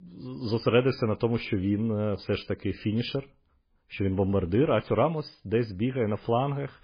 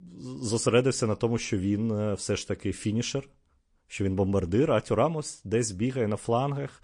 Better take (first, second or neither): second